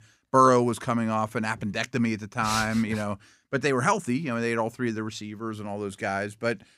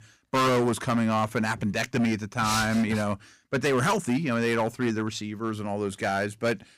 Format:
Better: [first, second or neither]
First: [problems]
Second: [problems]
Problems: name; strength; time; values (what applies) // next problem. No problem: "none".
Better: first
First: none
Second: distortion; heavy; 12% of the sound clipped